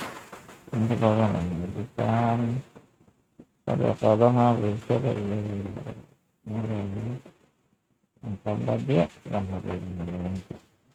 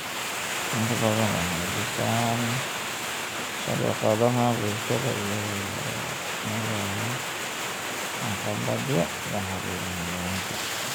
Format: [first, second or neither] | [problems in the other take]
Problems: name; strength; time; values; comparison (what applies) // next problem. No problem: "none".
second | noise reduction (neural mask model RNNoise)